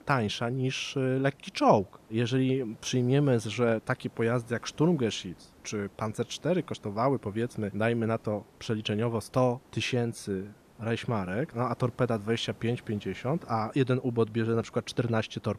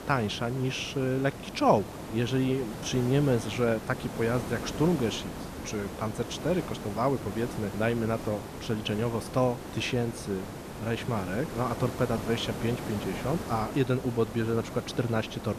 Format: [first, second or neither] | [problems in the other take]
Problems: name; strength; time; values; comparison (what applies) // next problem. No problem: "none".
first | hiss; loud; throughout; 9 dB below the speech; faint in the first